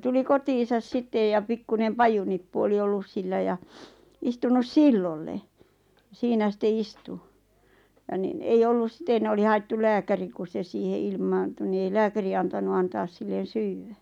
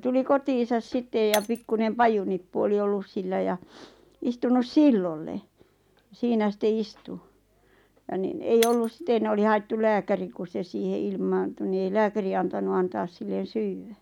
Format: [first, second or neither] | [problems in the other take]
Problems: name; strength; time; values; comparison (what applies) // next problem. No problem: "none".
first | background sound (Shatter); 18 dB below the speech